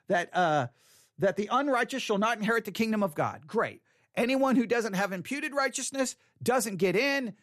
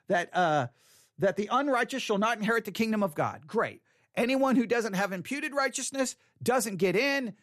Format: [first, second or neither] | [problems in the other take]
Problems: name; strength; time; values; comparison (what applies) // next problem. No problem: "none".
neither | none